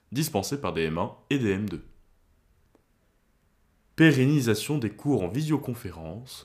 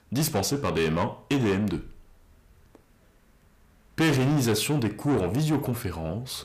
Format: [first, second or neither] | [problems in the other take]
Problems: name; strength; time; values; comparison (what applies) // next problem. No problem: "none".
first | distortion; heavy; 6 dB below the speech